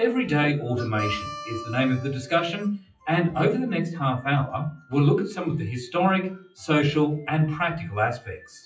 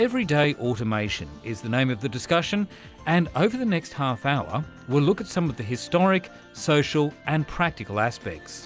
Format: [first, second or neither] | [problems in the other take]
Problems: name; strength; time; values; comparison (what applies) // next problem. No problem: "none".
second | noise reduction (classical method WPE with log-MMSE)